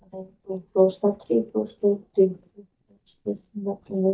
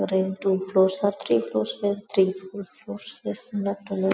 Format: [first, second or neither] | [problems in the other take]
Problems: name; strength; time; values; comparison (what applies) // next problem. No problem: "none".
second | noise reduction (neural mask model DeepFilterNet 3)